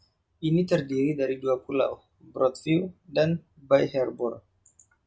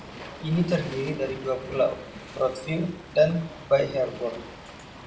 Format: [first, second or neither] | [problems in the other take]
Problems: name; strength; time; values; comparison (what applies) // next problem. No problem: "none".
first | background sound (Waves, surf); 14 dB below the speech // room echo; dies away in 0.7 s